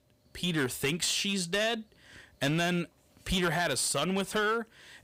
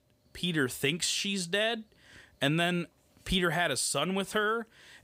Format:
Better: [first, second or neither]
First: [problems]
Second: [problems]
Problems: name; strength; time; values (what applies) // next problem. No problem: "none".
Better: second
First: distortion; slight; 7% of the sound clipped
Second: none